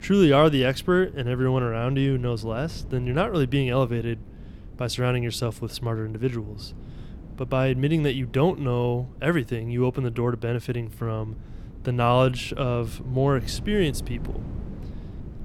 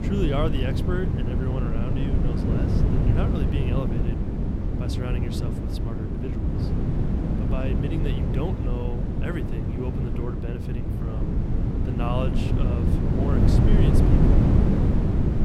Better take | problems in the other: first | wind noise on the microphone; heavy; 2 dB above the speech; occasional gusts in the first

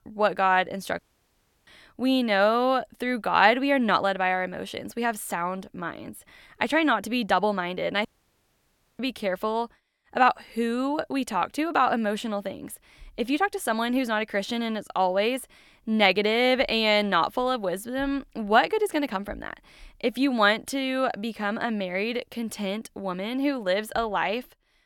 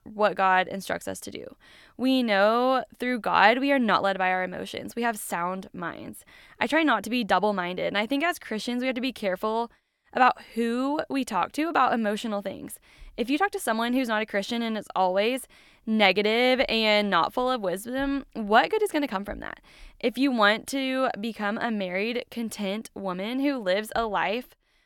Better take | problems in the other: second | audio cutting out; at 1 s for 0.5 s and at 8 s for 1 s

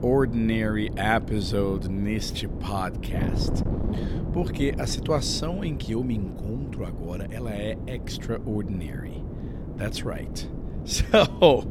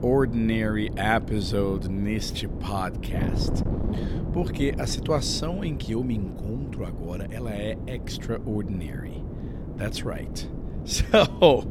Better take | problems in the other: neither | wind noise on the microphone; occasional gusts; 15 dB below the speech; the same in both

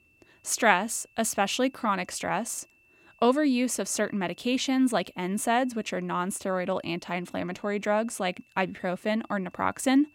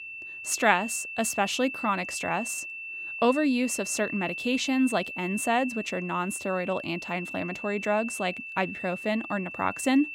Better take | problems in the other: first | high-pitched whine; loud; throughout; 2.5 kHz, 7 dB below the speech; faint in the first

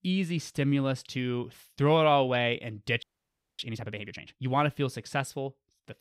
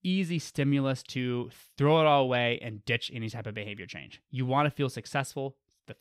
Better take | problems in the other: second | audio freezing; at 3 s for 0.5 s

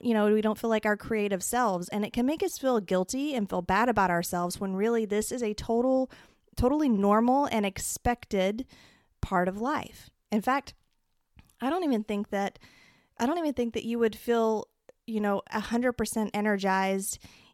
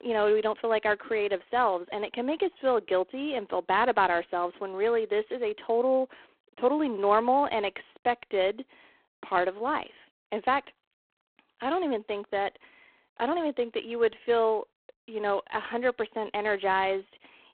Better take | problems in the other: first | phone-call audio; poor line; nothing above 3.5 kHz

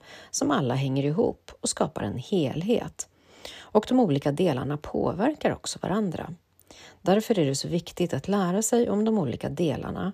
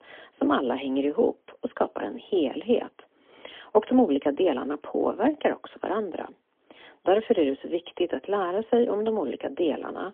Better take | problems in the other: first | phone-call audio; poor line; nothing above 3.5 kHz

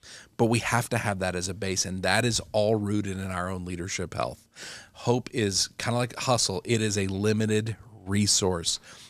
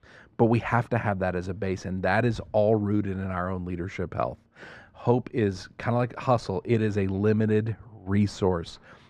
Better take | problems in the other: first | muffled; very; fading above 3.5 kHz

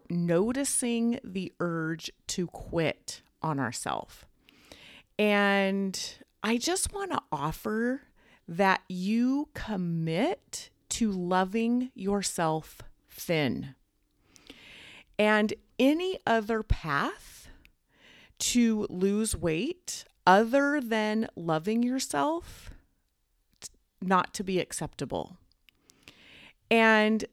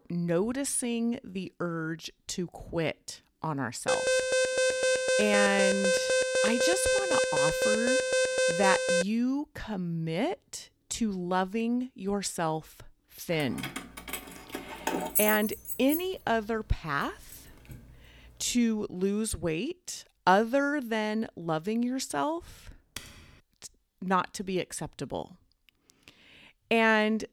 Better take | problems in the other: first | alarm; loud; from 4 to 9 s; peak 5 dB above the speech // jangling keys; loud; from 13 to 16 s; peak 4 dB above the speech // keyboard typing; faint; at 23 s; peak 15 dB below the speech

